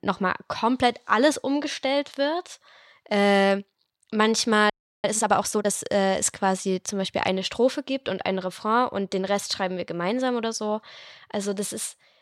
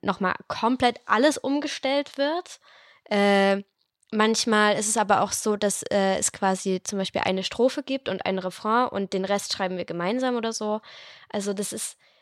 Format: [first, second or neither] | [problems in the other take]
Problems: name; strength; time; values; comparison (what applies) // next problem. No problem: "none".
second | audio freezing; at 4.5 s